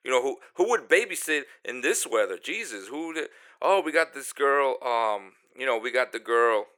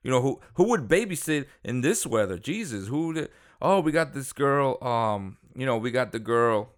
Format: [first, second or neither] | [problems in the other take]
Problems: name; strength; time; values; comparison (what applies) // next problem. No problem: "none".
second | thin; very; fading below 400 Hz